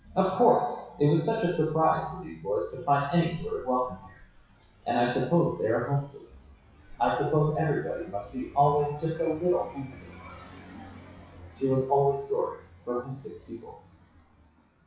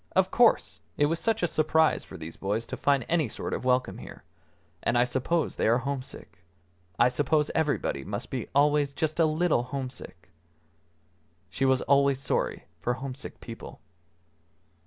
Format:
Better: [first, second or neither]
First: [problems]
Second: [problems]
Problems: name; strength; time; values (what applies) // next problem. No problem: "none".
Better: second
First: noise reduction (classical method WPE with log-MMSE)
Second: none